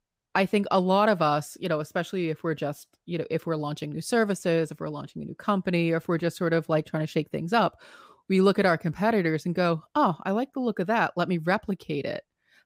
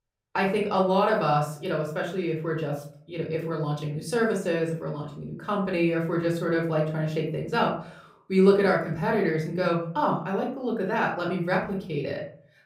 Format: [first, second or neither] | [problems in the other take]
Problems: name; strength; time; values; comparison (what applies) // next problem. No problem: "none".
first | off-mic speech; somewhat distant // room echo; slight; dies away in 0.4 s